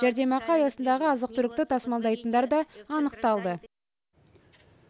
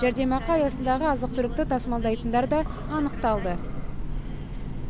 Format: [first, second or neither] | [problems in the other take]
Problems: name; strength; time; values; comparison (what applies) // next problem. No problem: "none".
first | background sound (Train / Breathing); 4 dB below the speech